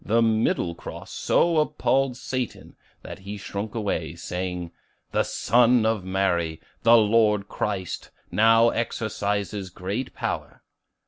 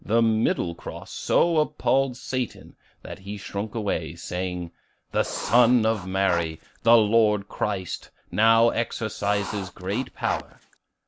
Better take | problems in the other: first | background sound (Writing); 12 dB below the speech

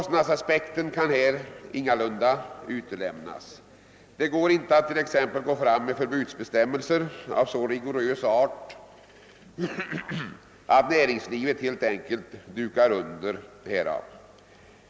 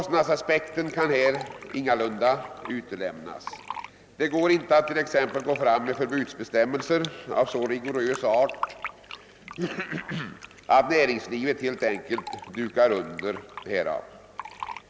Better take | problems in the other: first | background sound (Fill (with liquid)); 16 dB below the speech

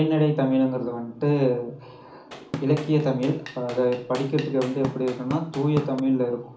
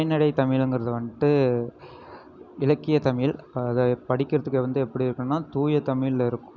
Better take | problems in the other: second | background sound (Drum / Drum kit); 12 dB below the speech // room echo; dies away in 0.4 s

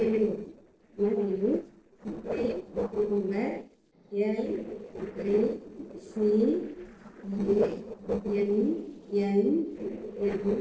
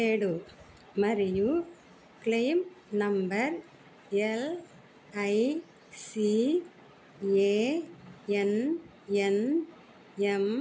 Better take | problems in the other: second | noise reduction (neural separator model SepFormer DNS4)

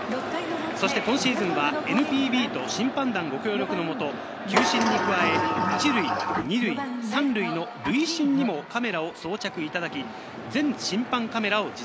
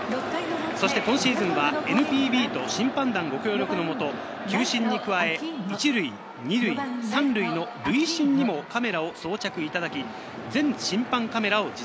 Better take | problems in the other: second | background sound (Sliding door); as loud as the speech

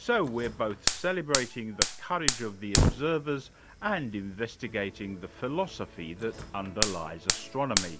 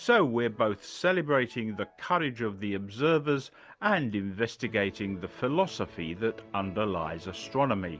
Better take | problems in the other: second | background sound (Fire); as loud as the speech

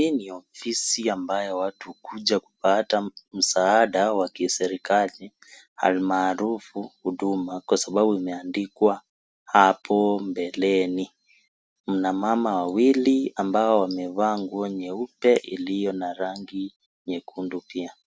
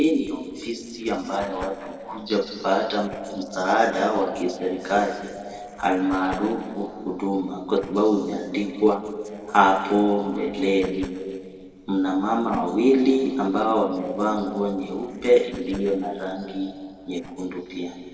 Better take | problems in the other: first | noise reduction (neural separator model SepFormer DNS4)

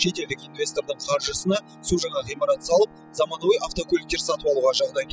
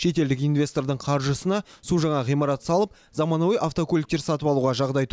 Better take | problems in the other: second | noise reduction (classical method spectral subtraction)

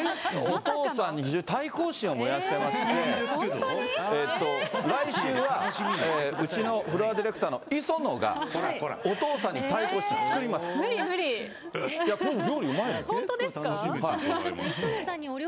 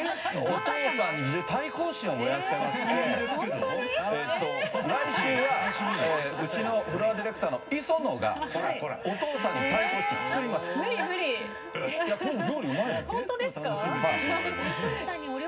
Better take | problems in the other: first | background sound (Harmonica); 9 dB below the speech // room echo; dies away in 0.4 s

